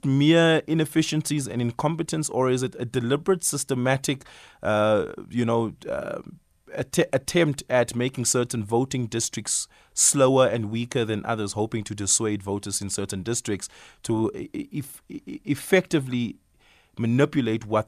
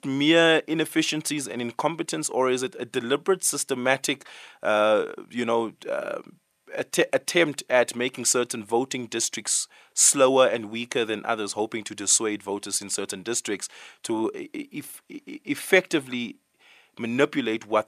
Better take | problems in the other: first | thin; very slightly; fading below 300 Hz

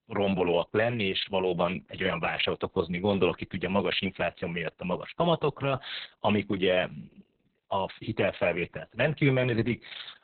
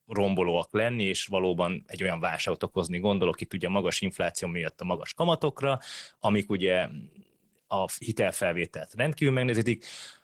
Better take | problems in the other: second | garbled, watery; badly; nothing above 4 kHz; slightly in the second

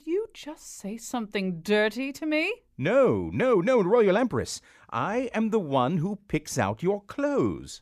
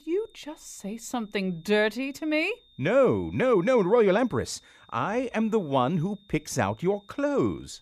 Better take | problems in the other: first | high-pitched whine; faint; throughout; 3.5 kHz, 30 dB below the speech

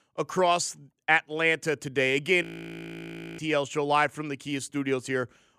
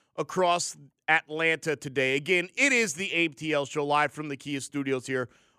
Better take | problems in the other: second | audio freezing; at 2.5 s for 1 s

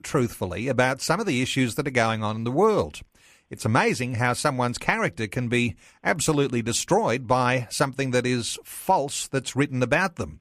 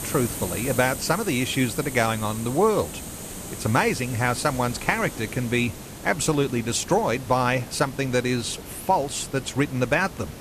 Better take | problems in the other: first | hiss; noticeable; throughout; 10 dB below the speech

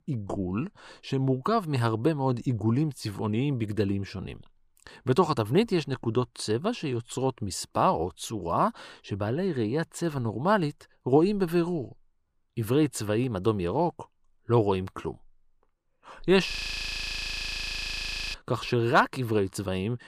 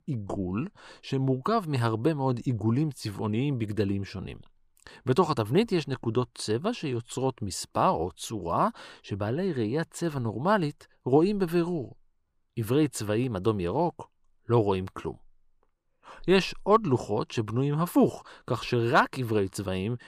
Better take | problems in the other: second | audio freezing; at 17 s for 2 s

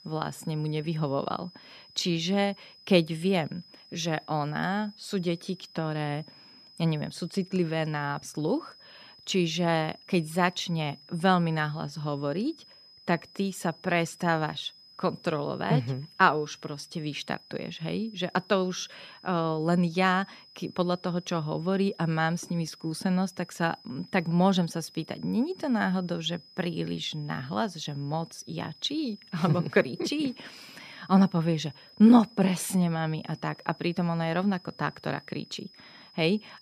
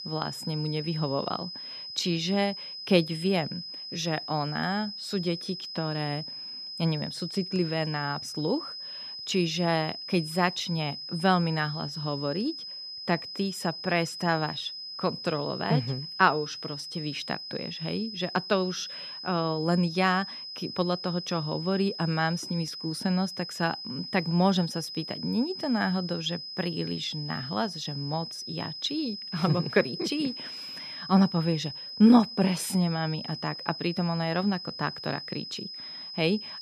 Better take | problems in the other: first | high-pitched whine; loud; throughout; 5 kHz, 8 dB below the speech; faint in the first

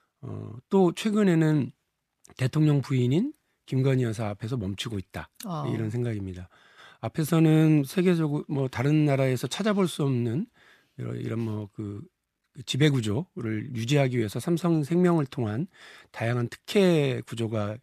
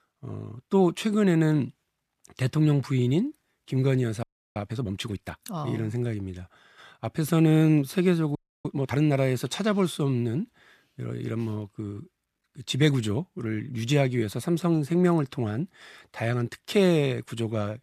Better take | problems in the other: first | audio freezing; at 4 s and at 8.5 s

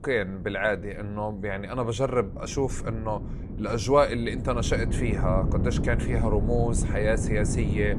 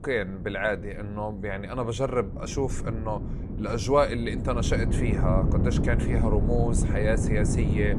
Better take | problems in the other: first | wind noise on the microphone; heavy; 7 dB below the speech; occasional gusts in the first

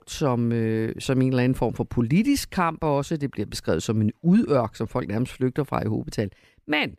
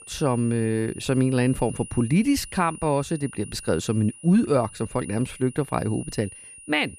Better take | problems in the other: first | high-pitched whine; noticeable; throughout; 9.5 kHz, 15 dB below the speech

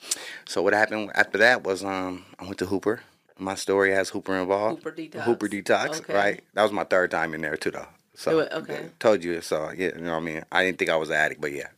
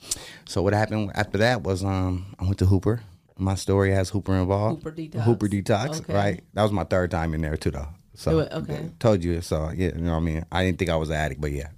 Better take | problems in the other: second | thin; somewhat; fading below 350 Hz

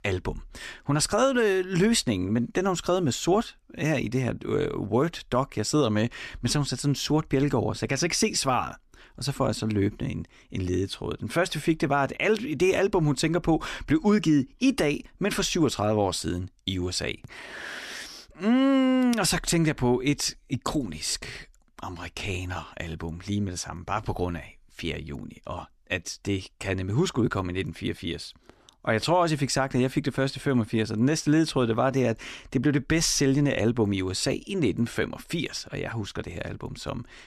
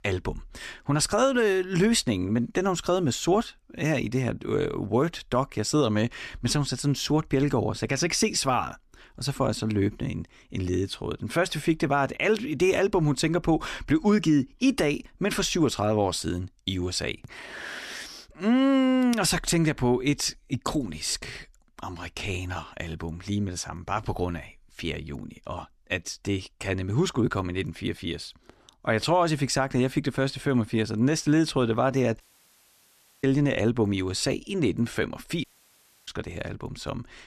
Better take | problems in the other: first | audio cutting out; at 32 s for 1 s and at 35 s for 0.5 s

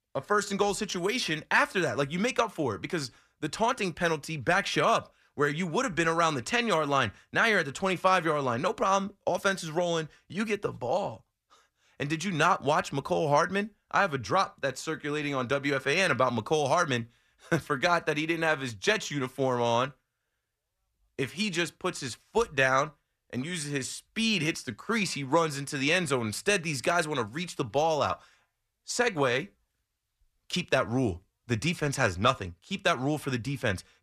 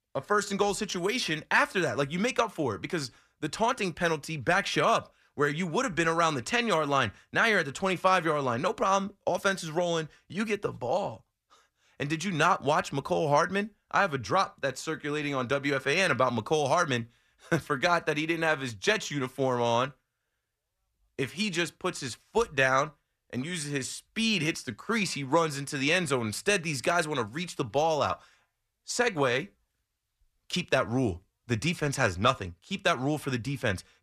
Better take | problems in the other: neither | none

